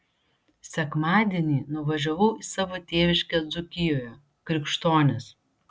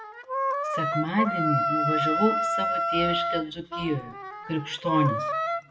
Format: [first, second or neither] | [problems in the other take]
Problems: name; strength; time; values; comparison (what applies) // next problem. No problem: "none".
first | background sound (Wind instrument, woodwind instrument); 1 dB above the speech // room echo; dies away in 0.7 s